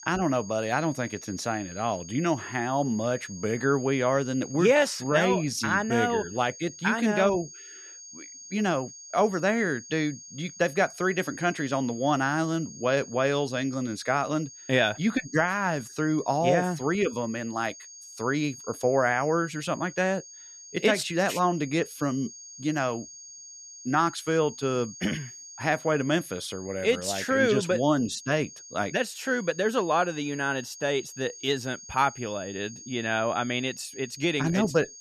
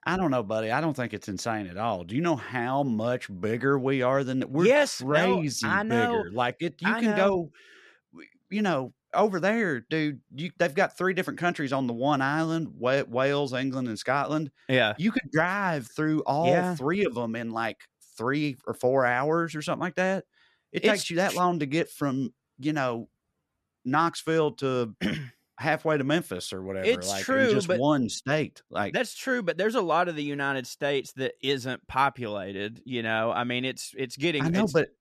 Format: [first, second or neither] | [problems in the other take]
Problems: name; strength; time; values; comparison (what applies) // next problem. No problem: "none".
second | high-pitched whine; noticeable; throughout; 6.5 kHz, 15 dB below the speech